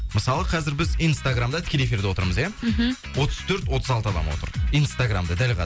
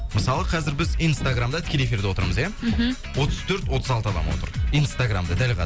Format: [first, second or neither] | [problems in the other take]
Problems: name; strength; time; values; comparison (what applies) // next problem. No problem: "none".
first | background sound (Car); 10 dB below the speech